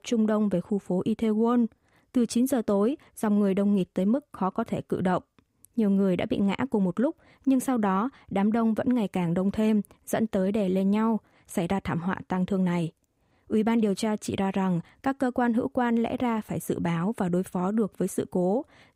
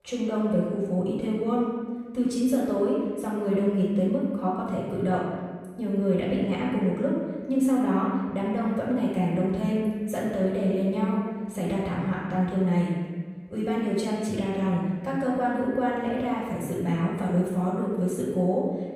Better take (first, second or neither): first